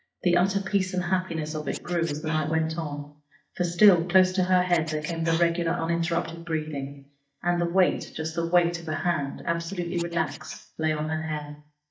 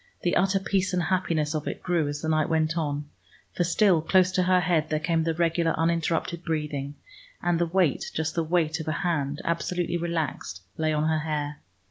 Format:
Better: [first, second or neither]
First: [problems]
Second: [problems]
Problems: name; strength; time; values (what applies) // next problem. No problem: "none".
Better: second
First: noise reduction (neural mask model DeepFilterNet 3)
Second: none